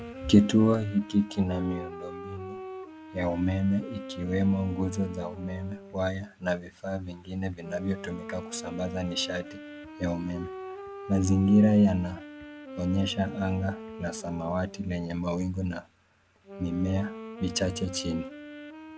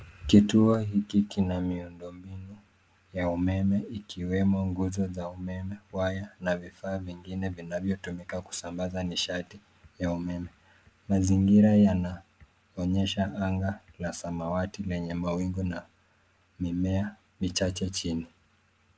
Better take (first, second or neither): second